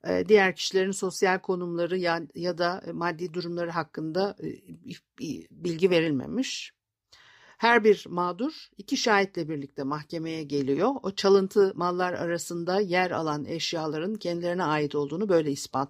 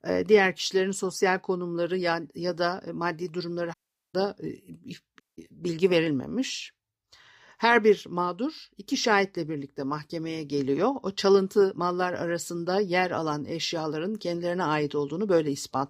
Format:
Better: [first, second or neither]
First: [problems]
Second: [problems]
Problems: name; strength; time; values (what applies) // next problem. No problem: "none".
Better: first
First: none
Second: audio cutting out; at 3.5 s and at 5 s